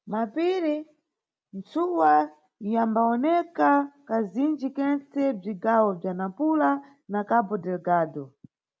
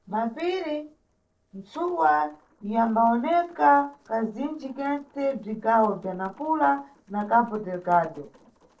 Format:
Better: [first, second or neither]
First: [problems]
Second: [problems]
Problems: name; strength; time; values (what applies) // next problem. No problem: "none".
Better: first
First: none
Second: noise reduction (neural separator model SepFormer DNS4)